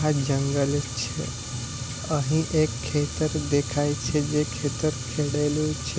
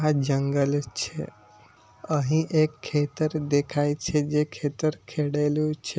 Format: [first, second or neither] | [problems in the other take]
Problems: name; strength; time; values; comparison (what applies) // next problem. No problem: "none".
second | background sound (Fire); 6 dB below the speech